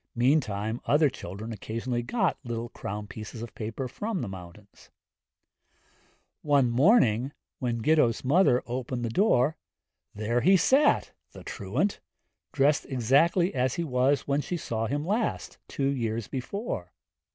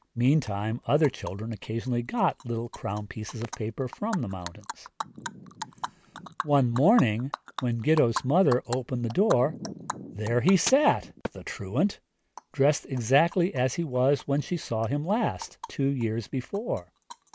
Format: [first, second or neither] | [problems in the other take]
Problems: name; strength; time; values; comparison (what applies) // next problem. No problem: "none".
first | background sound (Animal); 14 dB below the speech